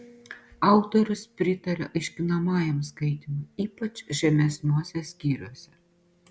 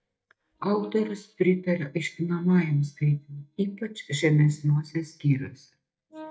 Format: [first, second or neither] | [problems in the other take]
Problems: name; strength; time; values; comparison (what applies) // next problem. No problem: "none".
first | noise reduction (neural mask model DeepFilterNet 3)